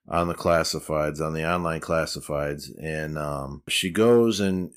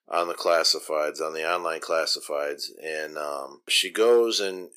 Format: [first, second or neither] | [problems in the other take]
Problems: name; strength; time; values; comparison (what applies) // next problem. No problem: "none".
first | thin; very; fading below 400 Hz